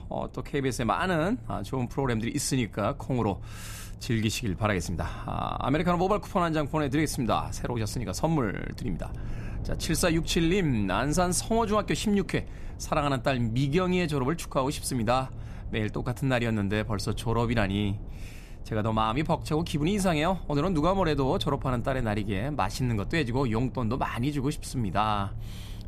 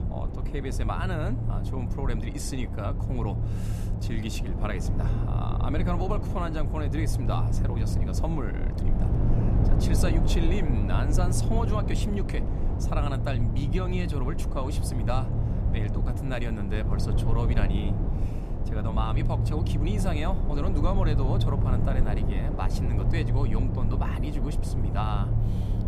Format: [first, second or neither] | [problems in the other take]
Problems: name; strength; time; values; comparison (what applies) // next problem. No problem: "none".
first | low rumble; loud; throughout; 4 dB below the speech; faint in the first